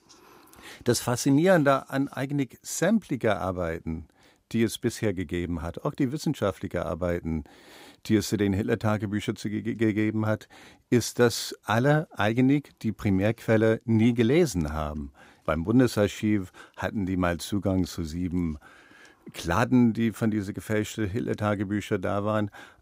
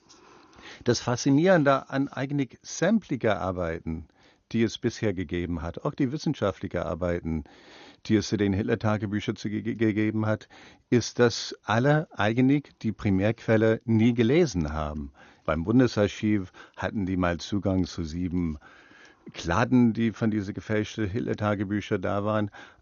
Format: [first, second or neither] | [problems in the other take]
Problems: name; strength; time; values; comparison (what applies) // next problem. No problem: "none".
first | garbled, watery; slightly; nothing above 6.5 kHz